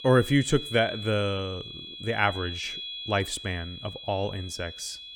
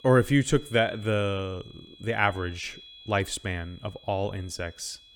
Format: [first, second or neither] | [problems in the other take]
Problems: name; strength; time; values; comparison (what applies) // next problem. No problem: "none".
second | high-pitched whine; loud; throughout; 3.5 kHz, 9 dB below the speech; faint in the second